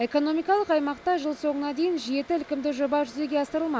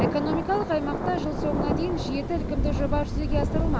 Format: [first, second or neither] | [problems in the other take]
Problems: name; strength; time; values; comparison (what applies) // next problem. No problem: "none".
first | background sound (Thunder); 2 dB above the speech